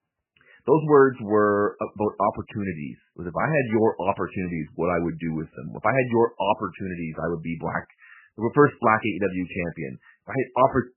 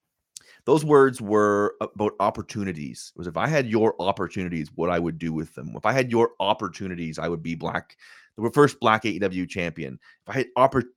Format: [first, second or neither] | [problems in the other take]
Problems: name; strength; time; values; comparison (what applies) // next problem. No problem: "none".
second | garbled, watery; badly; nothing above 3 kHz